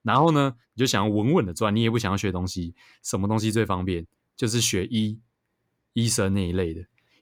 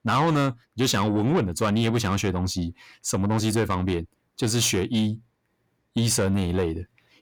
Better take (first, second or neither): first